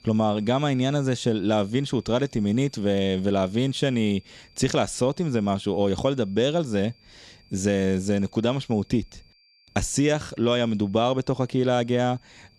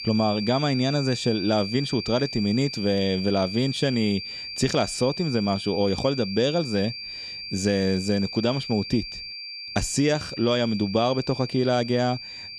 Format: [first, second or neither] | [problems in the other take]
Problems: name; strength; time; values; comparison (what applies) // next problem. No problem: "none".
first | high-pitched whine; loud; throughout; 4.5 kHz, 8 dB below the speech; faint in the first